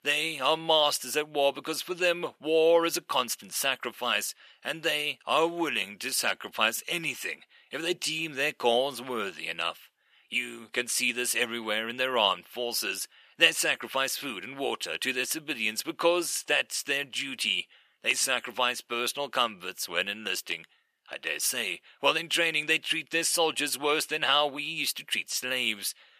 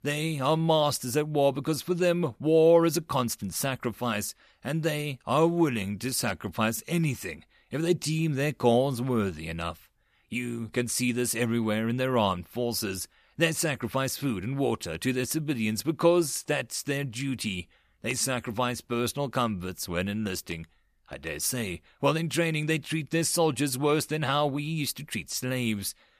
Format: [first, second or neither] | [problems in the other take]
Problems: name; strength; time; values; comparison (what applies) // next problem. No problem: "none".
second | thin; somewhat; fading below 500 Hz